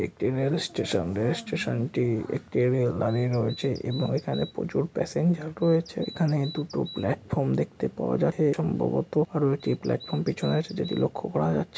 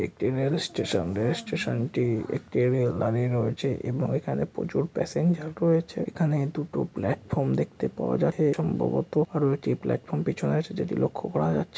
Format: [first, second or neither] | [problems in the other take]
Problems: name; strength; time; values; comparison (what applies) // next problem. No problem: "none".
second | background sound (Bird vocalization, bird call, bird song); 19 dB below the speech